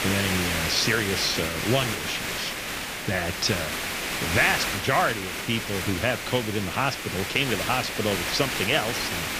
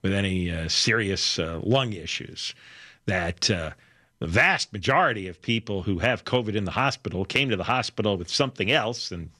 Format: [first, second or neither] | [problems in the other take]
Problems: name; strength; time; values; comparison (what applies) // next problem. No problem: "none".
second | hiss; loud; throughout; 2 dB below the speech